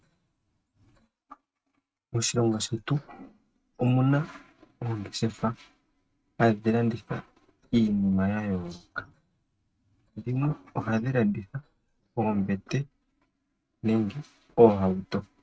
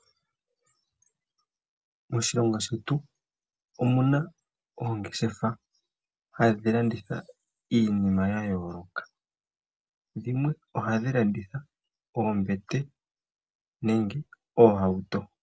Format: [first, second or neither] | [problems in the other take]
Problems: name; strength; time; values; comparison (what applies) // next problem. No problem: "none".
second | noise reduction (neural mask model RNNoise)